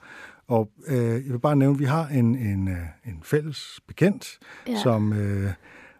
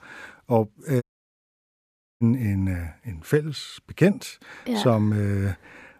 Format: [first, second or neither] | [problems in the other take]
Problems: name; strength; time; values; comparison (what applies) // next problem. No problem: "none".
first | audio cutting out; at 1 s for 1 s